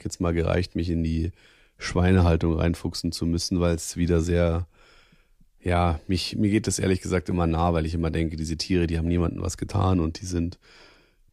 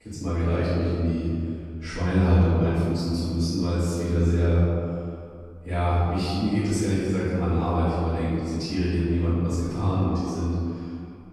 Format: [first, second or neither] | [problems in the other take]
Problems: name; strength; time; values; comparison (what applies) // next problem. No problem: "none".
first | off-mic speech; far // room echo; strong; dies away in 2.2 s